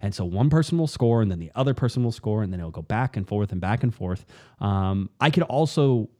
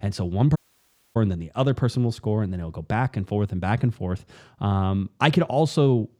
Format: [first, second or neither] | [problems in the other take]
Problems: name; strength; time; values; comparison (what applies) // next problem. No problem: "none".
first | audio cutting out; at 0.5 s for 0.5 s